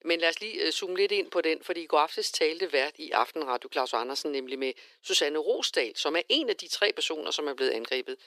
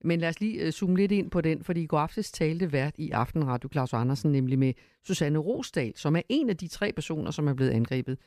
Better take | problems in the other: second | thin; very; fading below 350 Hz

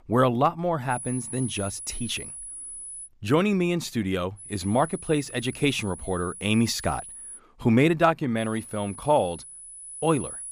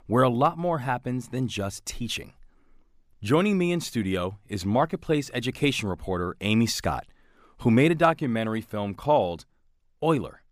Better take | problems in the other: second | high-pitched whine; noticeable; from 1 to 3 s, from 4.5 to 7.5 s and from 8.5 s on; 10 kHz, 10 dB below the speech

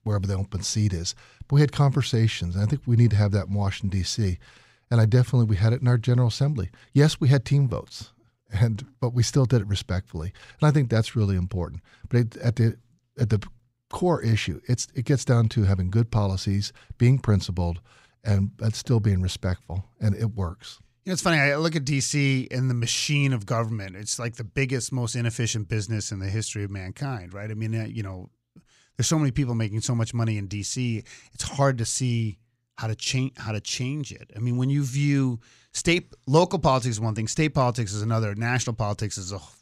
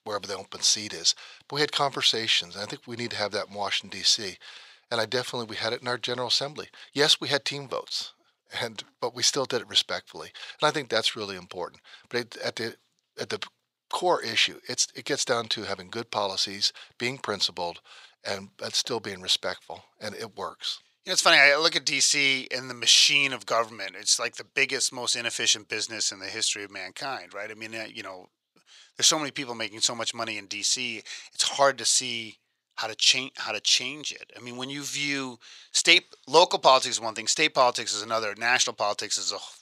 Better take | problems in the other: first | thin; very; fading below 650 Hz

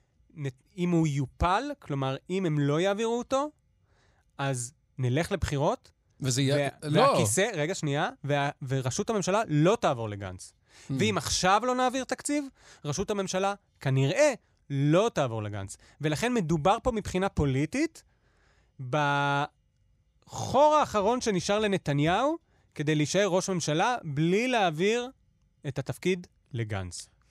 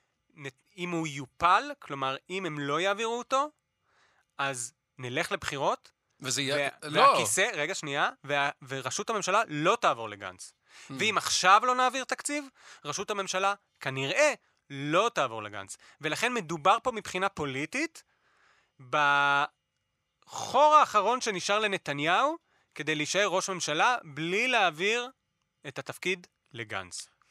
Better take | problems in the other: first | thin; somewhat; fading below 600 Hz

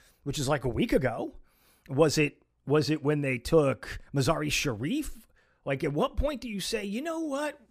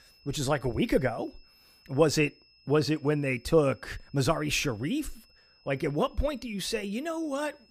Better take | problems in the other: first | high-pitched whine; faint; throughout; 5 kHz, 30 dB below the speech

